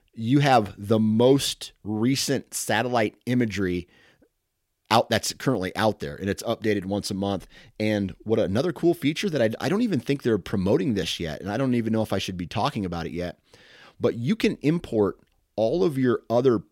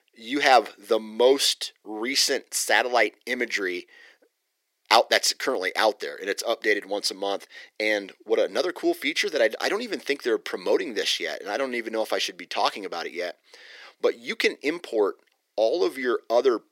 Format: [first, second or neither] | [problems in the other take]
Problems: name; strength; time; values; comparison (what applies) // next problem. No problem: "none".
first | thin; very; fading below 350 Hz